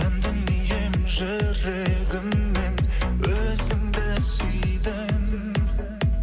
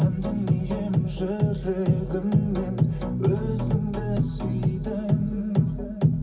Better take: first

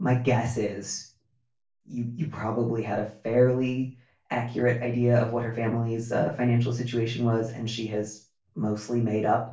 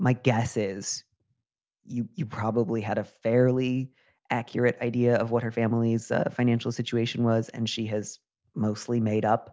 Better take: second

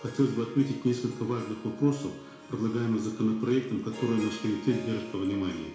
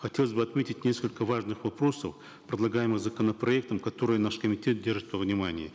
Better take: second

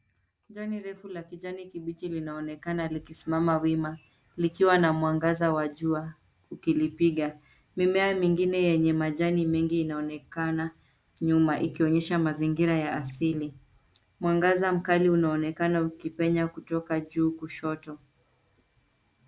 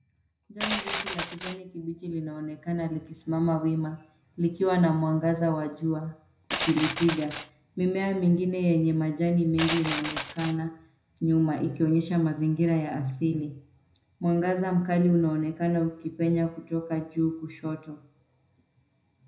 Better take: first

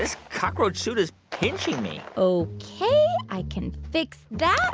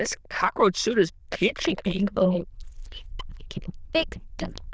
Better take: first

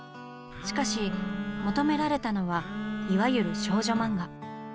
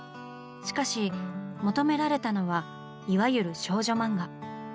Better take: second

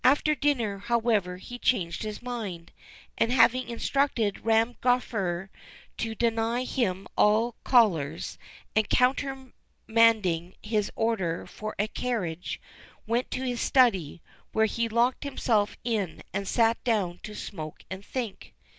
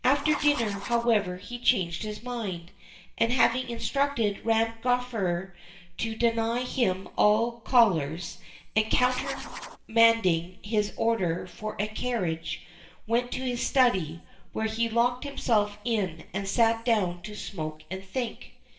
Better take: first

